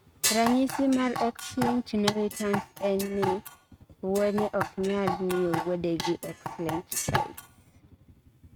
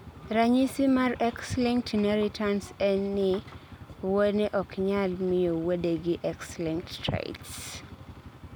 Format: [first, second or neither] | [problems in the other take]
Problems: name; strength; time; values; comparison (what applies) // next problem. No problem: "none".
second | noise reduction (neural mask model RNNoise)